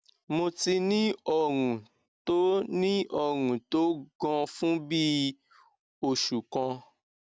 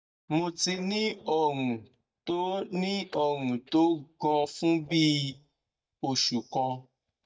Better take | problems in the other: first | noise reduction (neural mask model DeepFilterNet 3)

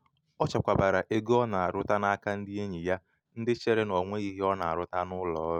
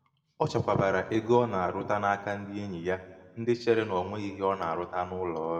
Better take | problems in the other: first | room echo; dies away in 1.2 s

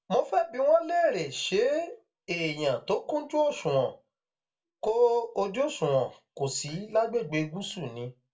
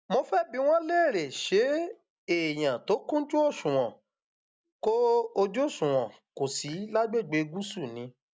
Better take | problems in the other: second | room echo; dies away in 0.2 s

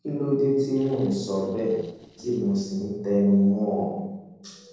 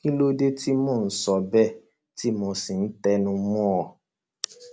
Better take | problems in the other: second | noise reduction (neural separator model SepFormer DNS4)

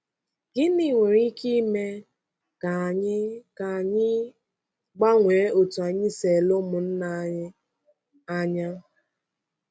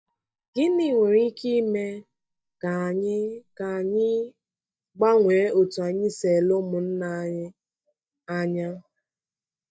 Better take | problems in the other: first | noise reduction (neural mask model DeepFilterNet 3)

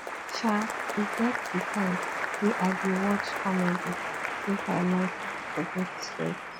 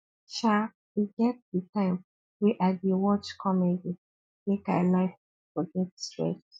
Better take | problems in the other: second | background sound (Applause); 3 dB below the speech

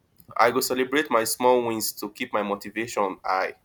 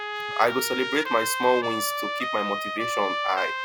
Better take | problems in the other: first | background sound (Trumpet); 3 dB below the speech

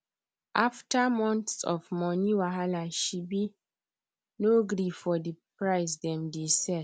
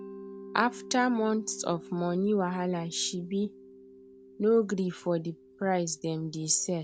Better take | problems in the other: first | background sound (Mallet percussion); 18 dB below the speech

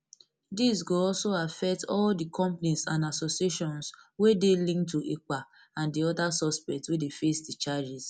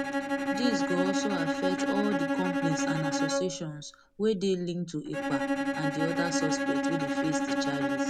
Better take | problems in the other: first | background sound (Bowed string instrument); 3 dB above the speech

